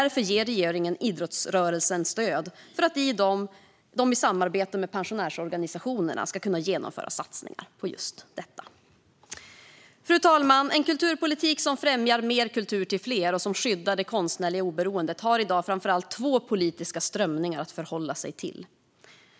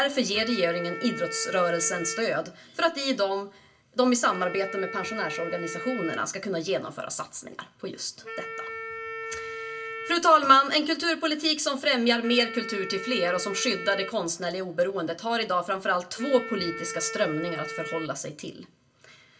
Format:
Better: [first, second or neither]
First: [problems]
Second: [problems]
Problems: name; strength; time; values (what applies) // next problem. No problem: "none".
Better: first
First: none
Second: background sound (Wind instrument, woodwind instrument); 11 dB below the speech // room echo; dies away in 0.2 s